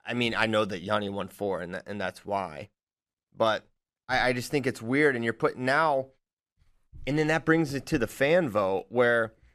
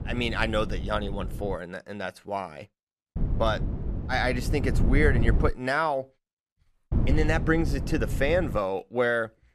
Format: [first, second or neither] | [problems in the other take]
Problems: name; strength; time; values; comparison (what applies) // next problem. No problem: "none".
first | wind noise on the microphone; occasional gusts; until 1.5 s, from 3 to 5.5 s and from 7 to 8.5 s; 15 dB below the speech